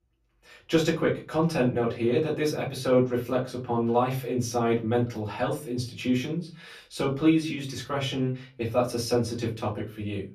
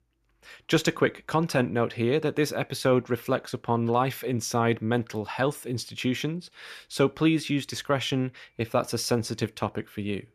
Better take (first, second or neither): second